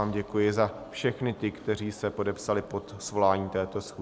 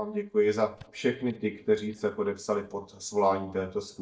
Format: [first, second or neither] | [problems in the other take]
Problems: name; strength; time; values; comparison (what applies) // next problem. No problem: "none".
first | noise reduction (neural mask model DeepFilterNet 3)